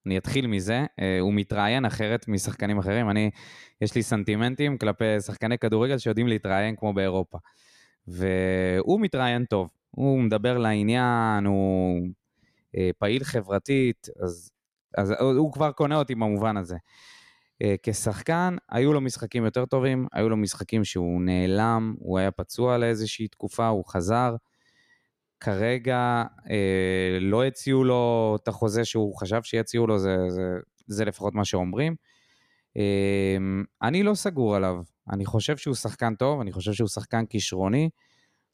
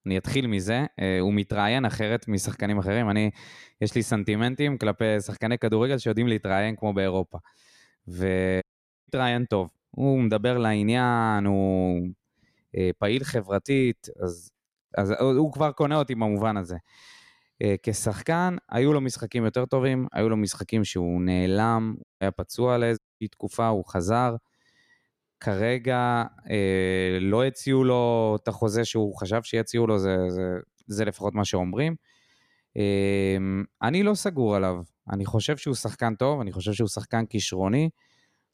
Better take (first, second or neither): first